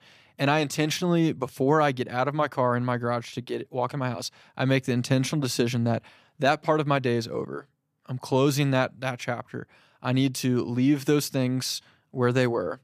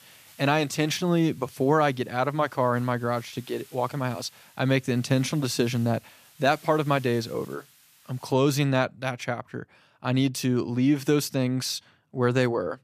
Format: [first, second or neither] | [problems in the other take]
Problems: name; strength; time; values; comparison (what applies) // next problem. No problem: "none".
first | hiss; faint; until 8.5 s; 25 dB below the speech